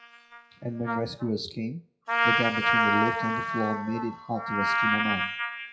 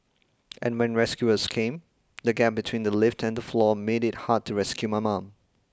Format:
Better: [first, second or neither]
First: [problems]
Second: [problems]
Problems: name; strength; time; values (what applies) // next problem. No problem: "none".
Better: second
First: noise reduction (classical method WPE with log-MMSE)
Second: none